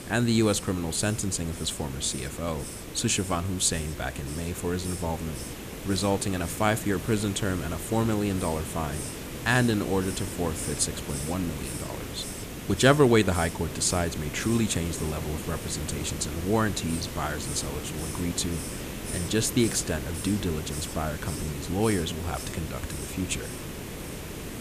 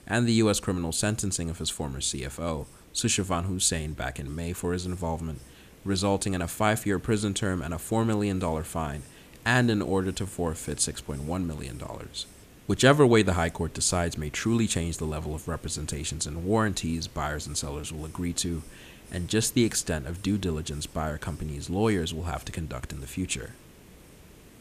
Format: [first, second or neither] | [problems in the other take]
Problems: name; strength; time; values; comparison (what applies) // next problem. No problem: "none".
second | hiss; loud; throughout; 8 dB below the speech; faint in the second